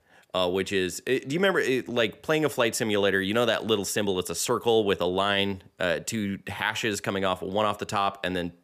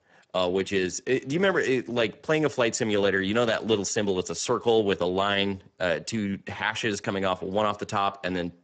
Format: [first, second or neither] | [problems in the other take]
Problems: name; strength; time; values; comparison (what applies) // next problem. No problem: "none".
first | garbled, watery; badly; nothing above 7.5 kHz